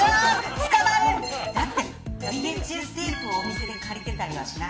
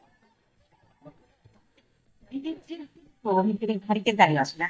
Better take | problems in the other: first | noise reduction (neural mask model DeepFilterNet 3)

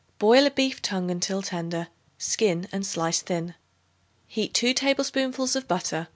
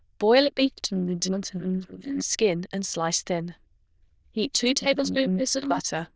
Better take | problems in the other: first | noise reduction (neural diffusion model UNIVERSE++)

